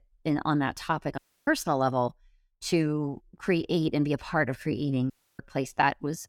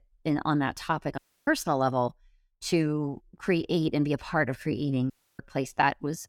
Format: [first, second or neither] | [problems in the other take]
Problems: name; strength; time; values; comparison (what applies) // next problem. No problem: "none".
neither | audio cutting out; at 1 s and at 5 s; the same in both